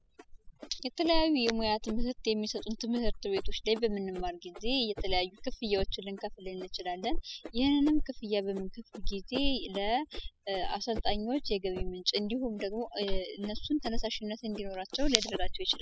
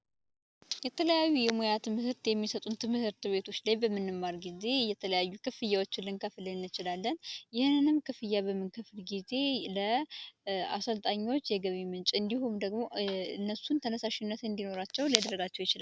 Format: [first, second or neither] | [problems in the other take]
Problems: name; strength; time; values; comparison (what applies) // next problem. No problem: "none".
second | noise reduction (classical method spectral subtraction)